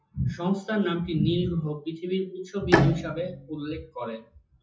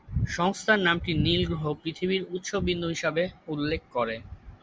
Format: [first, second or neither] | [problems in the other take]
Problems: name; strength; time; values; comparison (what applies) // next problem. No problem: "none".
second | noise reduction (classical method WPE with log-MMSE)